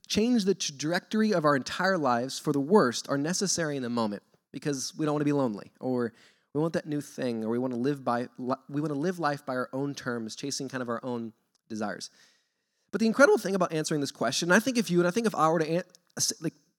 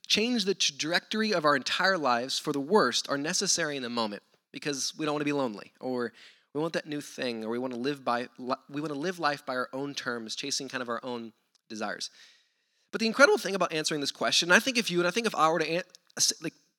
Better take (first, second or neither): first